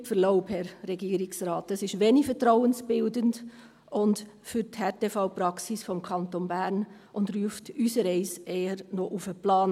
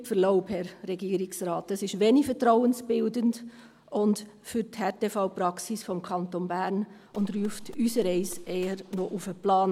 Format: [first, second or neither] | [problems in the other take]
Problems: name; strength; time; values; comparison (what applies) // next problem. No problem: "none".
first | background sound (Gunshot, gunfire); 15 dB below the speech